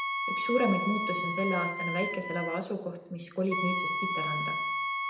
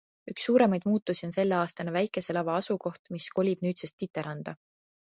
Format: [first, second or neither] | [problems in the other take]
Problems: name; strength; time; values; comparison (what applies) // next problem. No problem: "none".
second | background sound (Wind instrument, woodwind instrument); as loud as the speech // room echo; dies away in 0.8 s